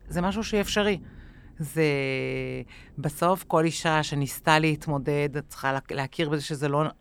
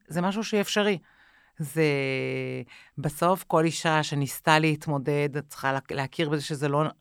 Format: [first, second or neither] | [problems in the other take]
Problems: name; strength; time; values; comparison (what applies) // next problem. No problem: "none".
second | rain or running water; faint; throughout; 25 dB below the speech